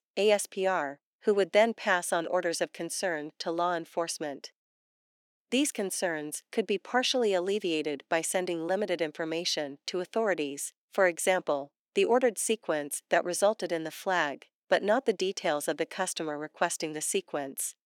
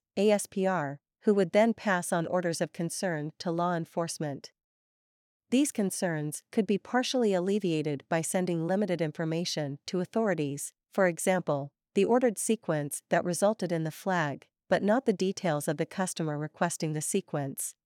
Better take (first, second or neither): second